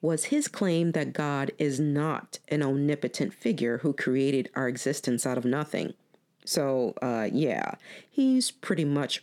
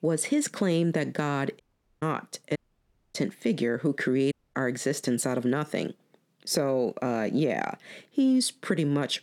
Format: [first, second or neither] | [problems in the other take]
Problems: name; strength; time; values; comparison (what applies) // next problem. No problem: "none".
first | audio cutting out; at 1.5 s, at 2.5 s for 0.5 s and at 4.5 s